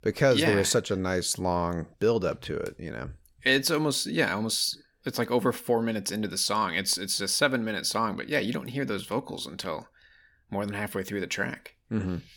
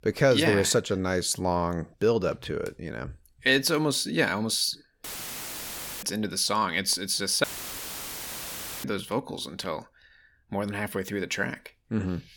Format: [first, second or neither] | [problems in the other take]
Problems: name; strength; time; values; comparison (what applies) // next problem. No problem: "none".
first | audio cutting out; filled with static; at 5 s for 1 s and at 7.5 s for 1.5 s